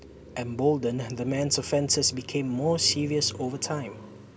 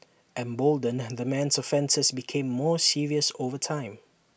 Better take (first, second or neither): second